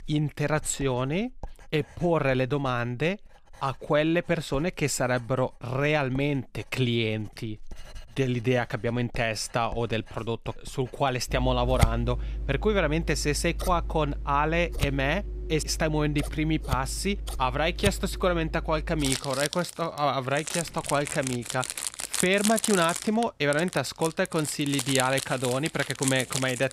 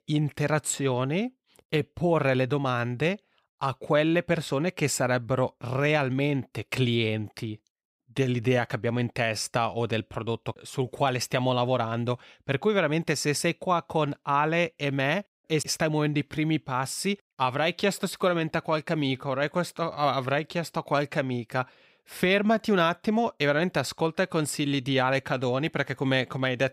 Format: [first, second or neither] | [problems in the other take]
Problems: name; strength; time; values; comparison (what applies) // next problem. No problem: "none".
second | household noises; loud; throughout; 6 dB below the speech